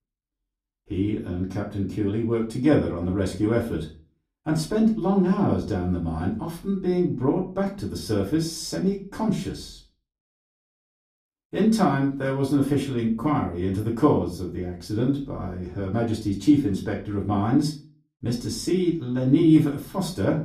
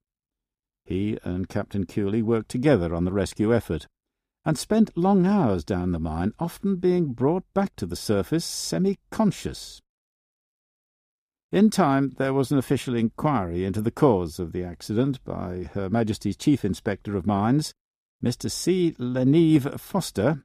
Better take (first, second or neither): second